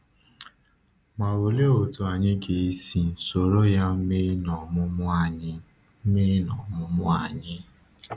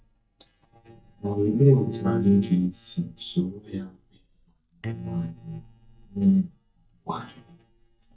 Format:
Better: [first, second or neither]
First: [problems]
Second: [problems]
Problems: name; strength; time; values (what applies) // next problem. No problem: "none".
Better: first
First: none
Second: noise reduction (neural mask model DeepFilterNet 3)